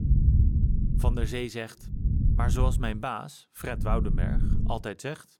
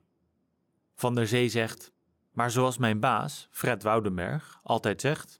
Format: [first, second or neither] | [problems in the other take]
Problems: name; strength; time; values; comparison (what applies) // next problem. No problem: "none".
second | low rumble; loud; until 1.5 s, at 2 s and at 4 s; 7 dB below the speech